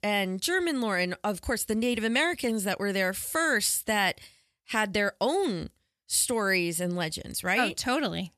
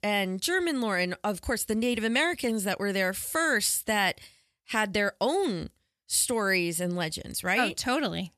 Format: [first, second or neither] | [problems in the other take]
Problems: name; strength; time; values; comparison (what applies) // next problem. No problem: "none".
neither | none